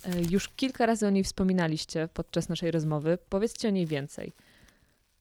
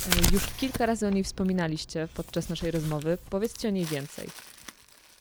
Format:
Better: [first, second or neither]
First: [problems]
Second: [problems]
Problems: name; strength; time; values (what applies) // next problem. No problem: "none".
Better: first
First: household noises; faint; throughout; 25 dB below the speech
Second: household noises; loud; throughout; 3 dB below the speech